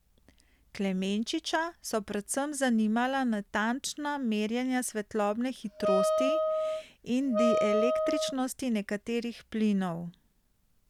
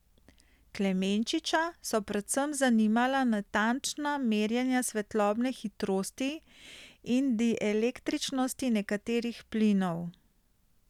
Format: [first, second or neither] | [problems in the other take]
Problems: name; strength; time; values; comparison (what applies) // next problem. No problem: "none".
second | background sound (Wind instrument, woodwind instrument); 2 dB above the speech